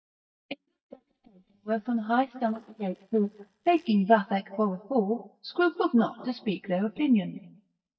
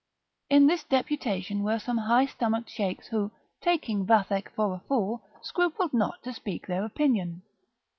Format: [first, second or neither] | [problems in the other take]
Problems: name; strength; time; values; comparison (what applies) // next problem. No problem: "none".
second | noise reduction (neural mask model DeepFilterNet 3)